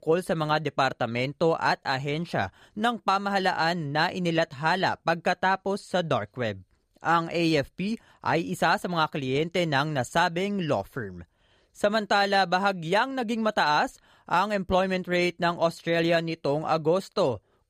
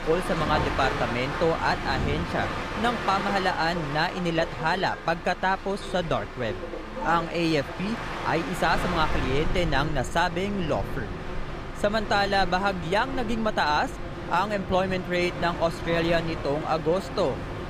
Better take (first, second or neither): first